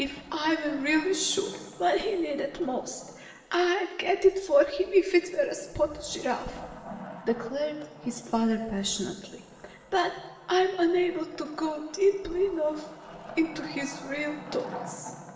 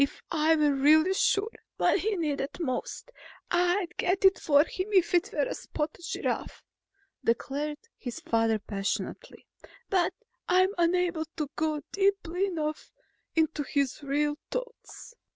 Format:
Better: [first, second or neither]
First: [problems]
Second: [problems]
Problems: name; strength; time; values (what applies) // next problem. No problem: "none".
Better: second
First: background sound (Wood); 17 dB below the speech // room echo; dies away in 2 s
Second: none